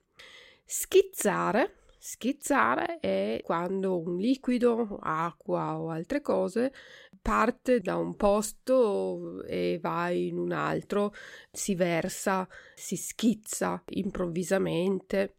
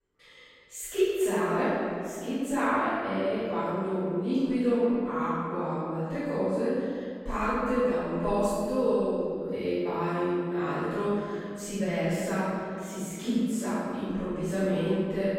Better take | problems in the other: first | off-mic speech; far // room echo; strong; dies away in 2.3 s

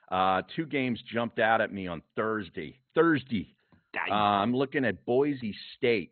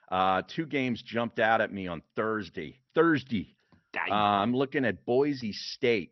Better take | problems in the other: second | garbled, watery; badly; nothing above 4 kHz; slightly in the second

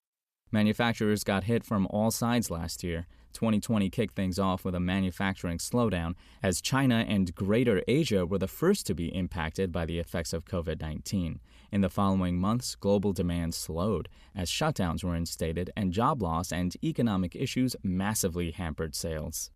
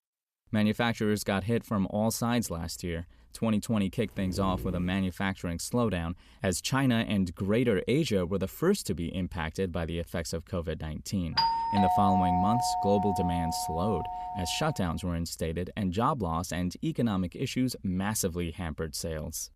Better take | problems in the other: first | dog barking; noticeable; at 4 s; peak 9 dB below the speech // doorbell; loud; from 11 to 15 s; peak 4 dB above the speech

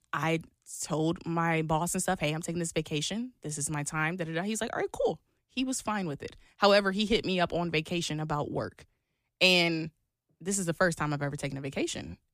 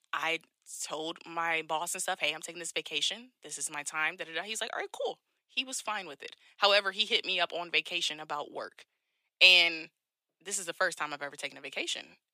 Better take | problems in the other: first | thin; very; fading below 550 Hz

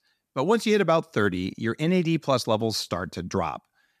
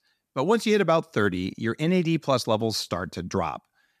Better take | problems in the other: neither | none

